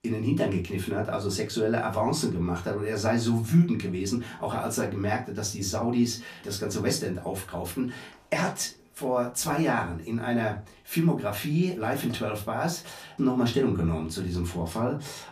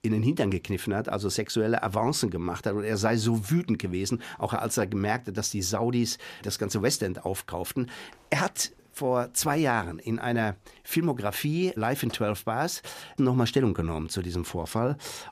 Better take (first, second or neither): second